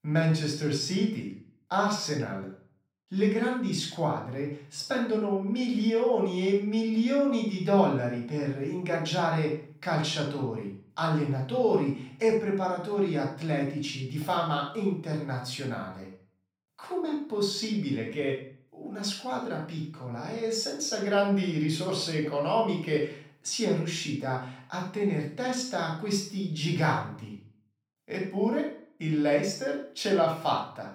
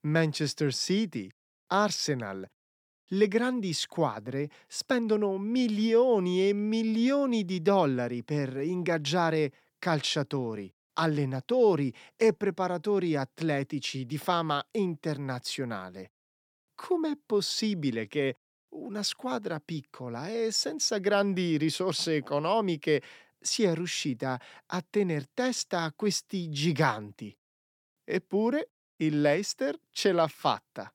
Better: second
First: off-mic speech; far // room echo; noticeable; dies away in 0.4 s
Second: none

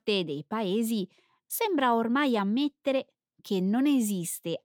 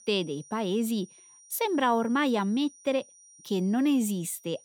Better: first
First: none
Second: high-pitched whine; faint; throughout; 5.5 kHz, 25 dB below the speech

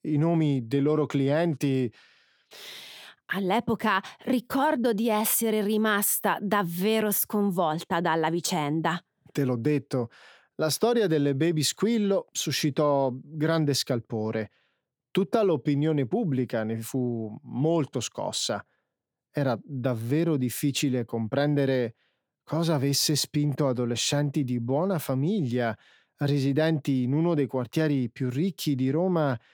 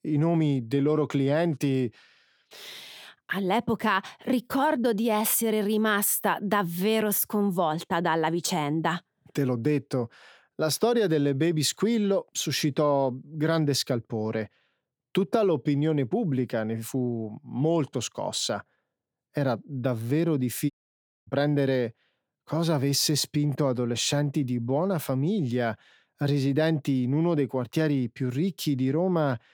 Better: first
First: none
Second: audio cutting out; at 21 s for 0.5 s

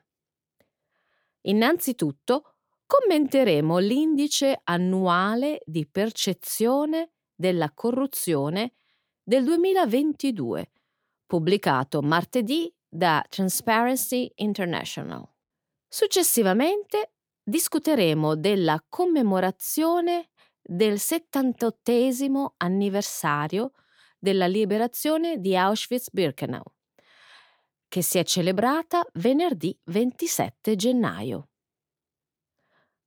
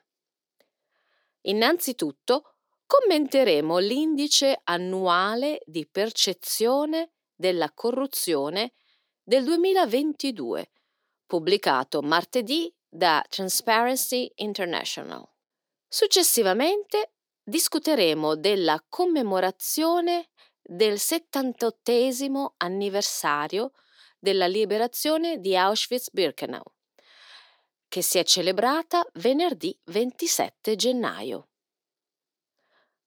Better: first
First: none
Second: thin; very slightly; fading below 350 Hz

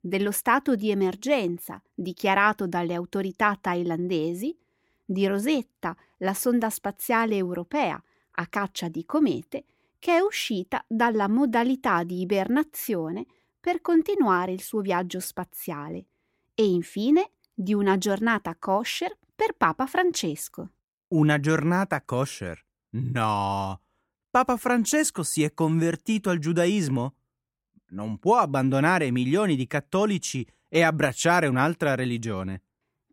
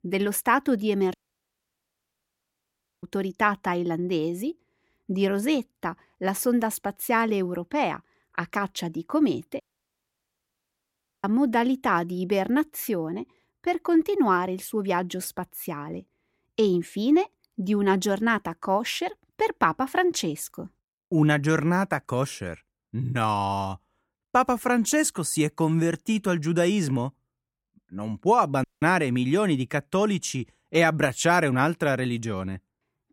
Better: first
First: none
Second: audio cutting out; at 1 s for 2 s, at 9.5 s for 1.5 s and at 29 s

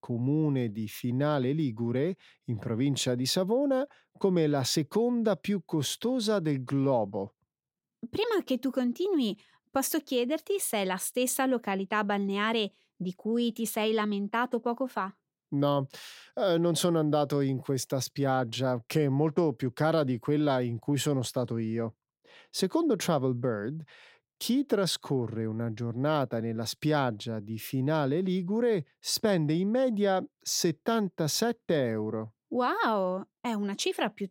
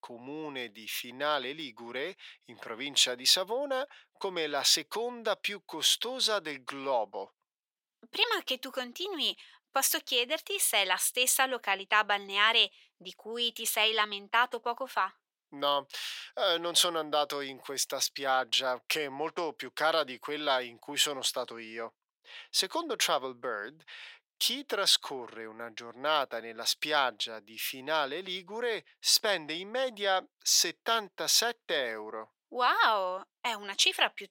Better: first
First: none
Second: thin; very; fading below 850 Hz

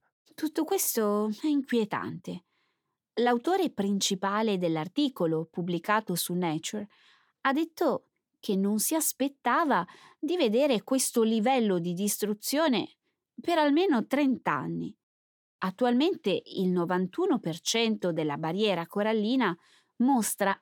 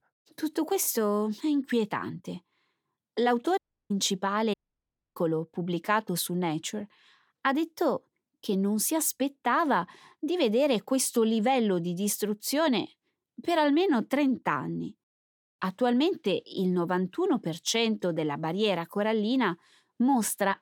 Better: first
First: none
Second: audio cutting out; at 3.5 s and at 4.5 s for 0.5 s

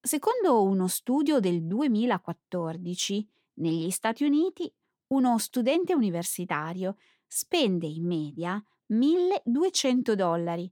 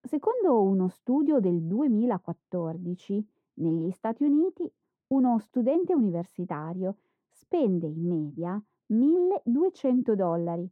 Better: first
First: none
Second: muffled; very; fading above 2 kHz

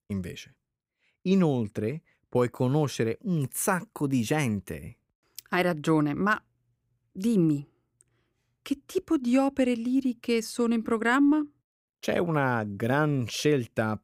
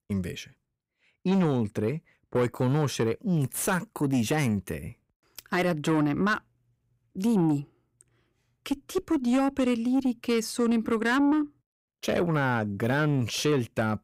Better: first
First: none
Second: distortion; slight; 10 dB below the speech

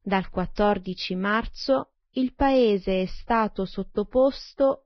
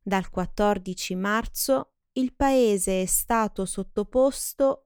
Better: second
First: garbled, watery; badly; nothing above 5.5 kHz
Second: none

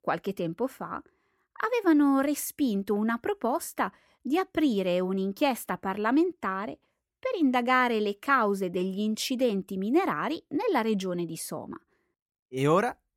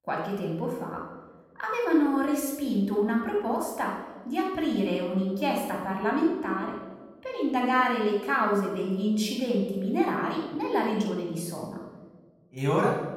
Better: first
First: none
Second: off-mic speech; somewhat distant // room echo; noticeable; dies away in 1.1 s

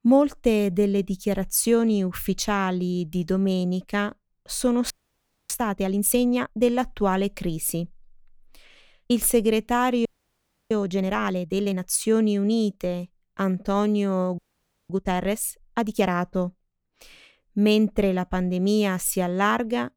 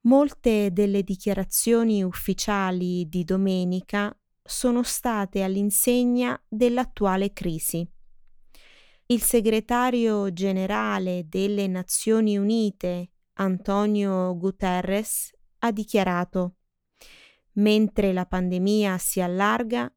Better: second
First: audio freezing; at 5 s for 0.5 s, at 10 s for 0.5 s and at 14 s for 0.5 s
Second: none

